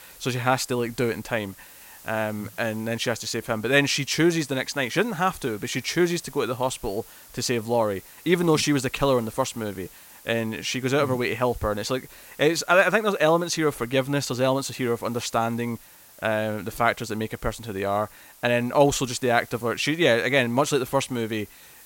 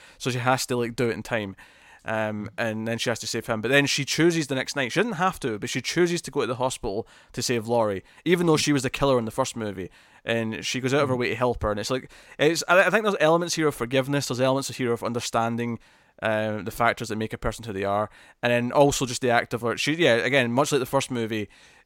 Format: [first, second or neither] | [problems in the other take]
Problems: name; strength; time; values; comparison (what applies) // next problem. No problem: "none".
second | hiss; faint; throughout; 20 dB below the speech